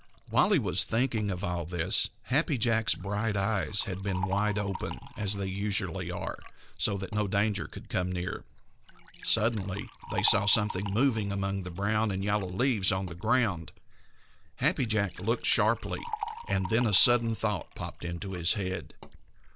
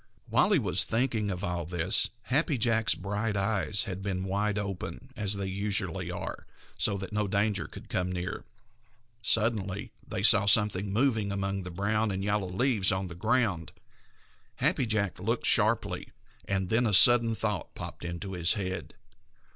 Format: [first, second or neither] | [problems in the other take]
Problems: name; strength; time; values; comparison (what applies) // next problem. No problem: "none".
second | background sound (Liquid); 15 dB below the speech